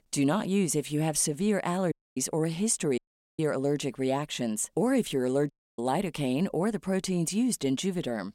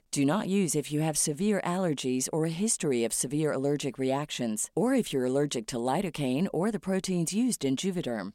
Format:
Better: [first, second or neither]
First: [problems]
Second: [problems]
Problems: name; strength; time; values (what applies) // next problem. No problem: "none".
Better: second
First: audio cutting out; at 2 s, at 3 s and at 5.5 s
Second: none